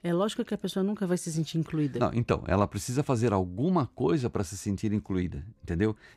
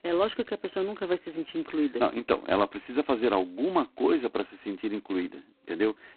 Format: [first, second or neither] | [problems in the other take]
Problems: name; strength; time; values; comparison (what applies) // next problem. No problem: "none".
first | phone-call audio; poor line; nothing above 4 kHz